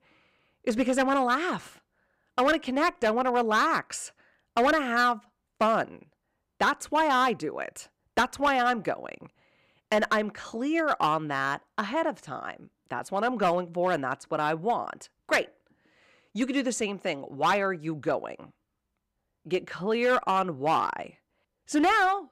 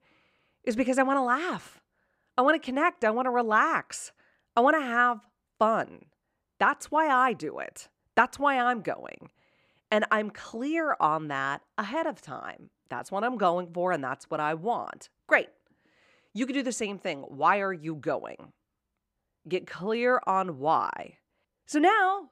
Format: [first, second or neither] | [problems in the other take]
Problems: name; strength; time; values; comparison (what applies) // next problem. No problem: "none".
second | distortion; slight; 4% of the sound clipped